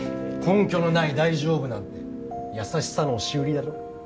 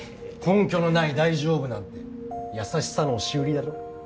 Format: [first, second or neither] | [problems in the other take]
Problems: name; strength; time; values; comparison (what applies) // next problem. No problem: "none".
second | background sound (Guitar); 10 dB below the speech